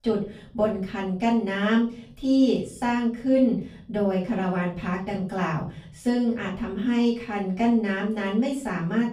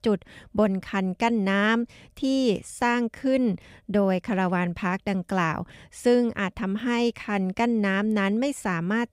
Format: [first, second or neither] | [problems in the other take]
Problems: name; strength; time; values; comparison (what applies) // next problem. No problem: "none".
second | off-mic speech; far // room echo; slight; dies away in 0.5 s